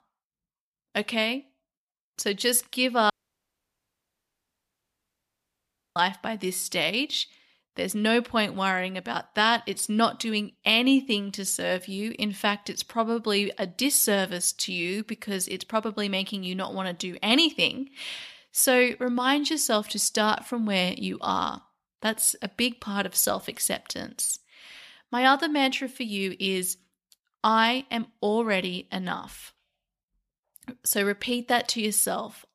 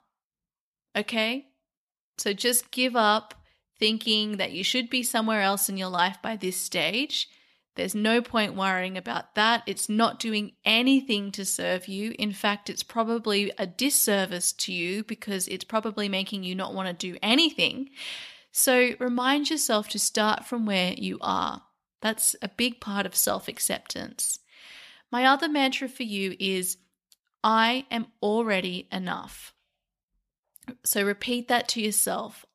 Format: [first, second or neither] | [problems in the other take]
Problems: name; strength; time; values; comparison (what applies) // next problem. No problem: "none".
second | audio cutting out; at 3 s for 3 s